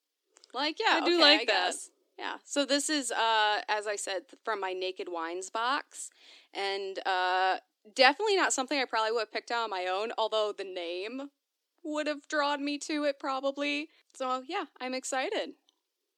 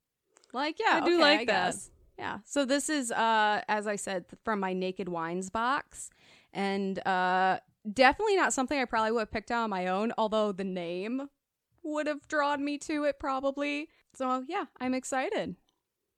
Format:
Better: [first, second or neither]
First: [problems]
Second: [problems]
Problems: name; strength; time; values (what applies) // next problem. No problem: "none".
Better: second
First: thin; very slightly; fading below 300 Hz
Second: none